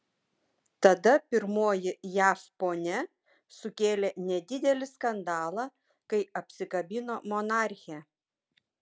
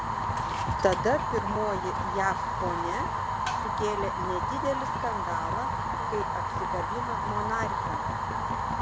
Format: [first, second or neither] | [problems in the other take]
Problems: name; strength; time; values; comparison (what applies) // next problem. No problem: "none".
first | background sound (Fire); 4 dB above the speech